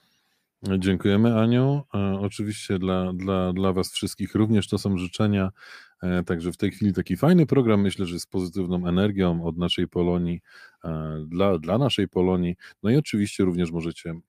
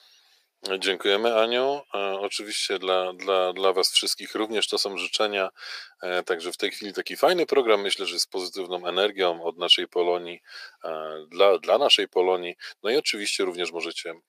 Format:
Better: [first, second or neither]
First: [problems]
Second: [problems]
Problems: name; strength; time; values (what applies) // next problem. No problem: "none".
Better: first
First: none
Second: thin; very; fading below 450 Hz